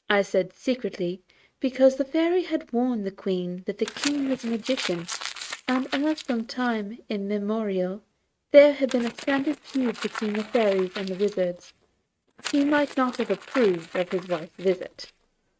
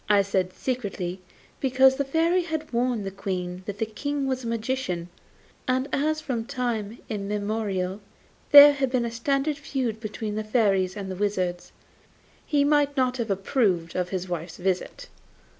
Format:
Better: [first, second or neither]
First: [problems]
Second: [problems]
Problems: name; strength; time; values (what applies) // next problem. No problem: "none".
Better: second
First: noise reduction (neural mask model RNNoise)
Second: none